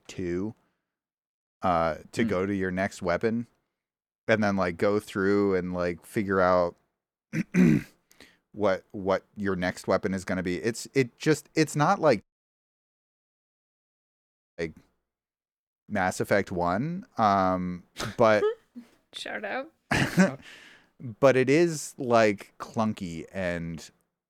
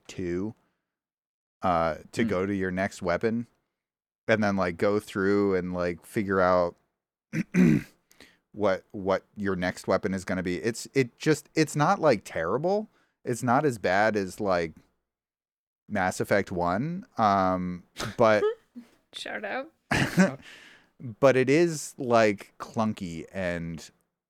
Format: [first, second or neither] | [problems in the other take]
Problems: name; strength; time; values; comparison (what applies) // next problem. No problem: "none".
second | audio cutting out; at 12 s for 2.5 s